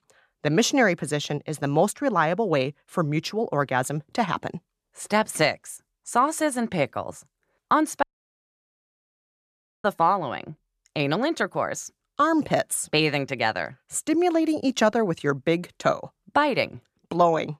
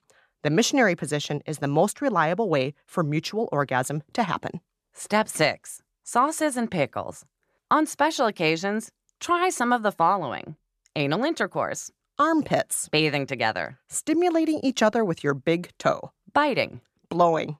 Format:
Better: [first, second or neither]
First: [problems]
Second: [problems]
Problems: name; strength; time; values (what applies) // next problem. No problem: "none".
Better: second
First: audio cutting out; at 8 s for 2 s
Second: none